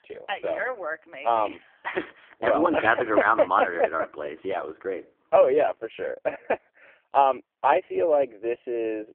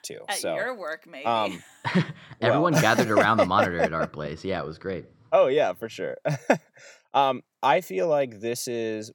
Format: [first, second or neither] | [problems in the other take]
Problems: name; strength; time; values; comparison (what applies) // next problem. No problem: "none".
second | phone-call audio; poor line